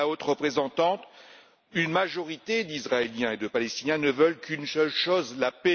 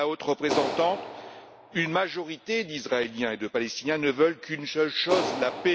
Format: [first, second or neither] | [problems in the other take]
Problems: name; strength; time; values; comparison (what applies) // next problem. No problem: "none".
first | background sound (Clapping); 9 dB below the speech